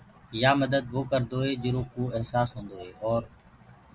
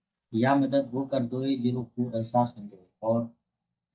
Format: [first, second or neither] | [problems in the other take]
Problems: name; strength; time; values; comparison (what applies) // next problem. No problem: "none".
first | noise reduction (neural mask model DeepFilterNet 3)